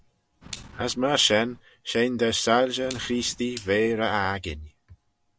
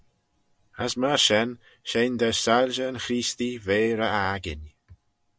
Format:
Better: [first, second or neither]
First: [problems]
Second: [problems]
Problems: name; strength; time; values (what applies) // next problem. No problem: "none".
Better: second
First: background sound (Clock); 19 dB below the speech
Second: none